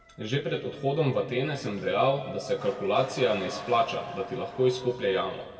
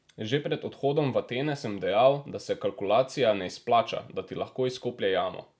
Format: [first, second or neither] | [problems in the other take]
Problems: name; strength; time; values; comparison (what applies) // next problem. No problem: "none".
second | background sound (Motor vehicle (road) / Siren); 17 dB below the speech // room echo; dies away in 1.6 s